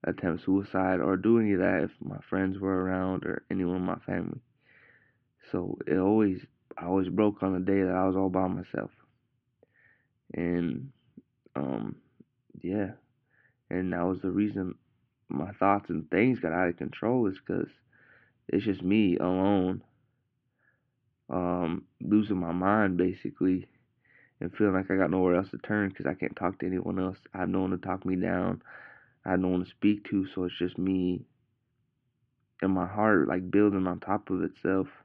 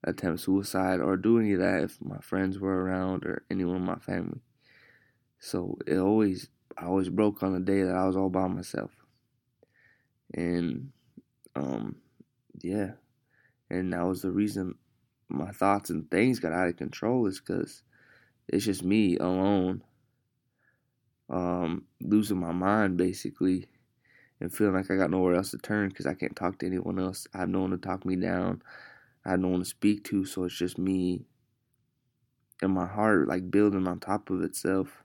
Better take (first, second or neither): second